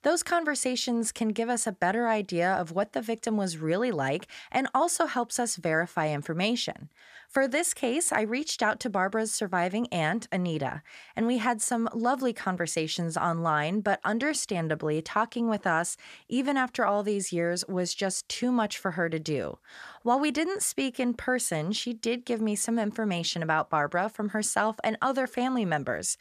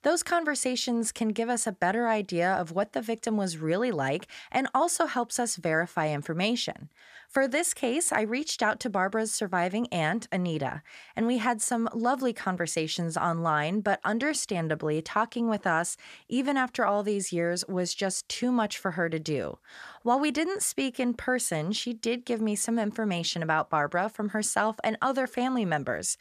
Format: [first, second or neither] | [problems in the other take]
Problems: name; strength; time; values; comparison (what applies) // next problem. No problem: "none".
neither | none